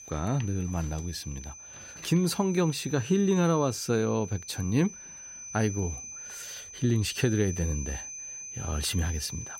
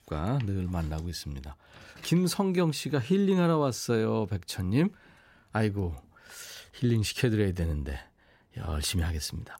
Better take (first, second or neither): second